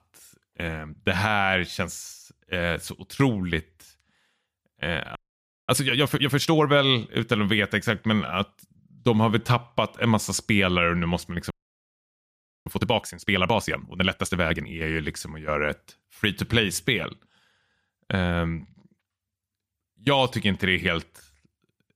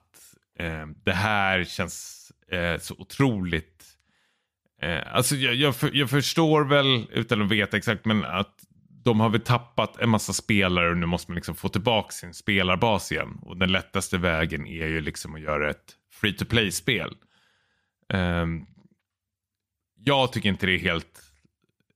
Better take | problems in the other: second | audio freezing; at 5 s for 0.5 s and at 12 s for 1 s

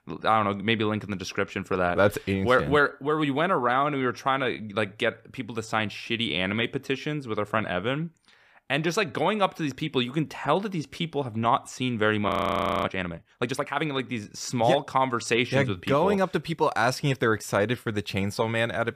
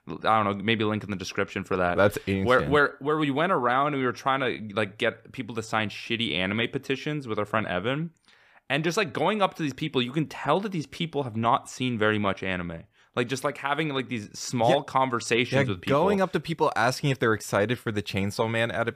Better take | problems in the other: second | audio freezing; at 12 s for 0.5 s

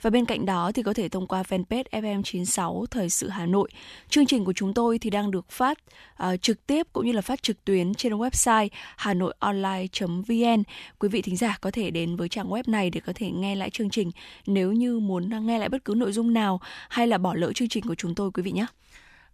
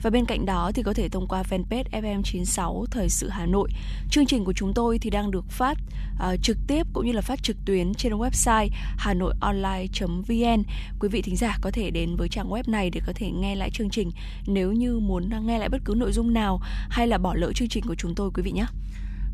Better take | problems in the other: first | low rumble; faint; throughout; 25 dB below the speech

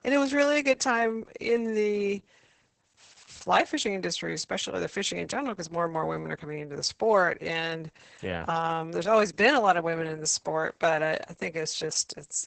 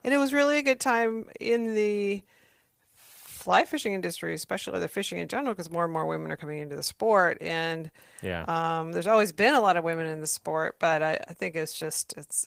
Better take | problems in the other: second | garbled, watery; badly; nothing above 8 kHz; slightly in the second

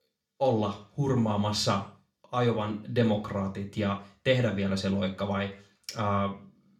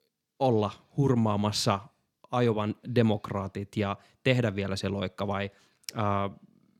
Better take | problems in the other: second | room echo; very slight; dies away in 0.4 s // off-mic speech; somewhat distant

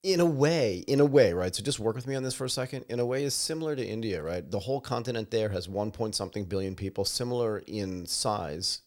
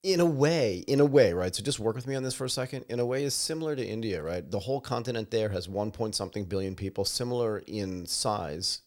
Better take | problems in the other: neither | none

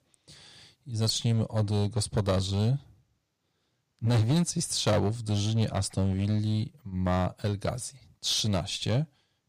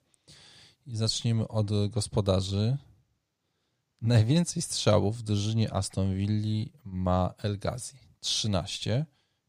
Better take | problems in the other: second | distortion; slight; 6% of the sound clipped

